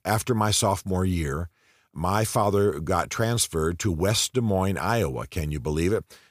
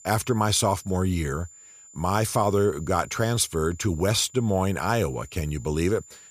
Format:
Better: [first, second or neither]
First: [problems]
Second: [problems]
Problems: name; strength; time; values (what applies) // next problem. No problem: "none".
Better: first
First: none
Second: high-pitched whine; faint; throughout; 7 kHz, 20 dB below the speech